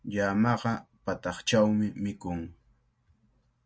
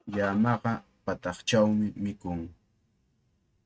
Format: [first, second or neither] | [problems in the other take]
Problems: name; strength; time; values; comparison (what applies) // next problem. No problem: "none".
first | noise reduction (neural mask model RNNoise)